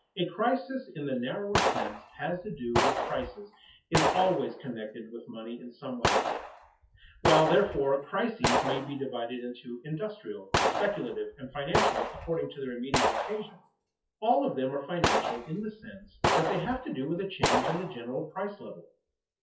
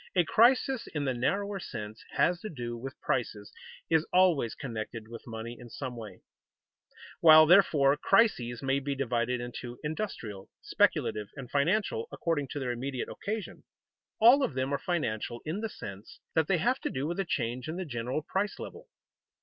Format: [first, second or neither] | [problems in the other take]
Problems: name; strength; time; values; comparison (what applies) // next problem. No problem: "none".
second | noise reduction (classical method WPE with log-MMSE)